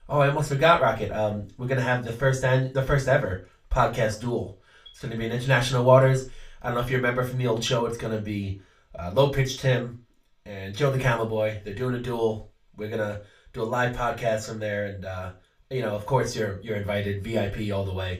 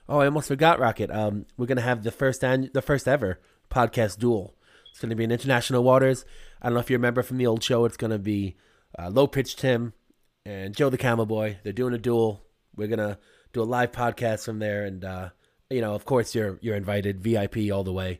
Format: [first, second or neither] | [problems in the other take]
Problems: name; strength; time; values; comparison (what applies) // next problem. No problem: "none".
second | room echo; very slight; dies away in 0.2 s // off-mic speech; far